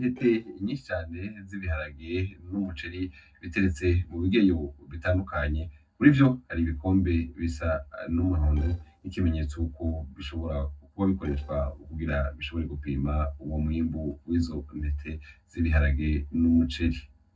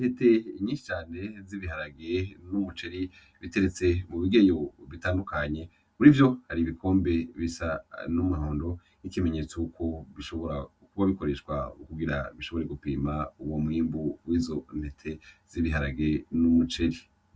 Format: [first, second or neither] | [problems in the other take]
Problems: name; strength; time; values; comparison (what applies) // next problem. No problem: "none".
second | noise reduction (neural separator model SepFormer DNS4)